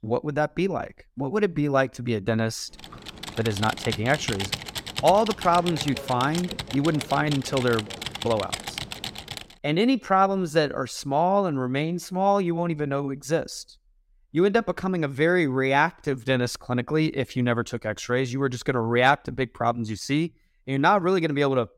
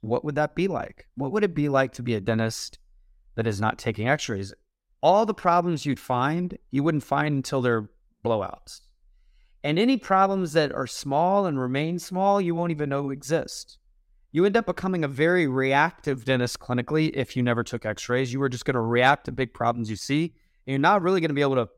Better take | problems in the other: second | keyboard typing; noticeable; from 3 to 9.5 s; peak 5 dB below the speech

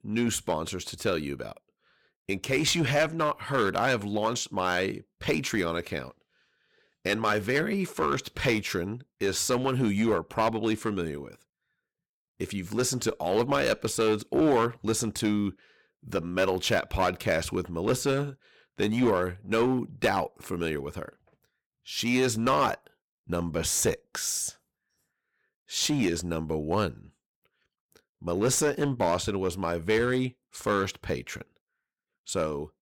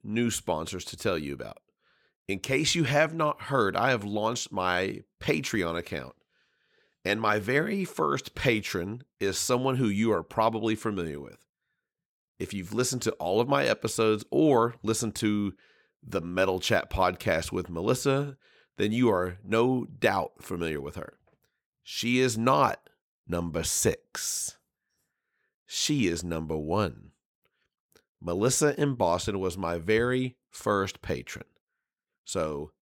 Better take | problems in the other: second | distortion; slight; 4% of the sound clipped

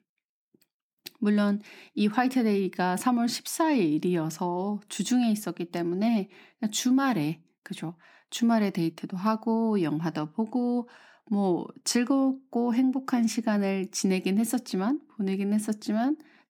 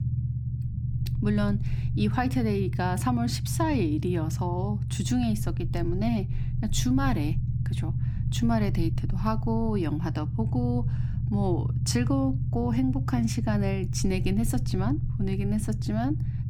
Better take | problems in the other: first | low rumble; noticeable; throughout; 10 dB below the speech

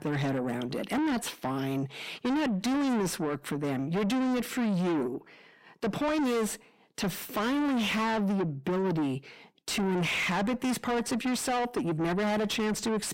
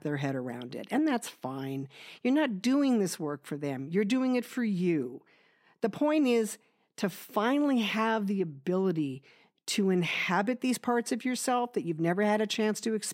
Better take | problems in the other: second | distortion; heavy; 6 dB below the speech

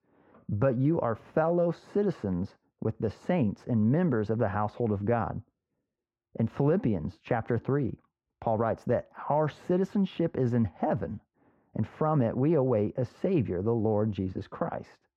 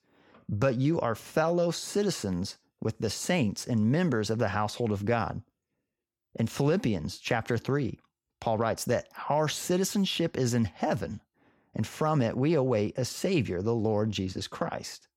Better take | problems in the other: second | muffled; very; fading above 3 kHz

